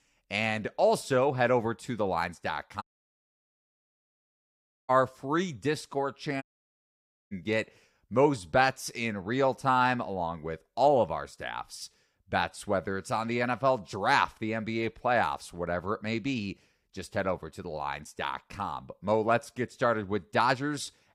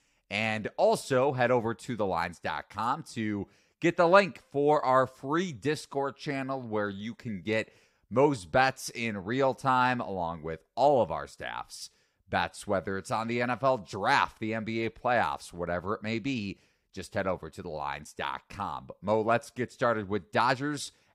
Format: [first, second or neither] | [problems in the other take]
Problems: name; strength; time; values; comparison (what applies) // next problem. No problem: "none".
second | audio cutting out; at 3 s for 2 s and at 6.5 s for 1 s